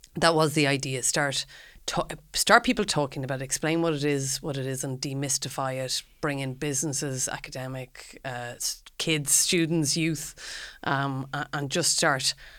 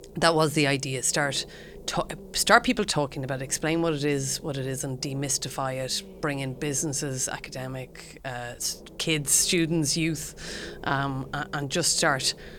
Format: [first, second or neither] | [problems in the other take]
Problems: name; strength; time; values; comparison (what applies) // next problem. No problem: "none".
first | low rumble; faint; throughout; 25 dB below the speech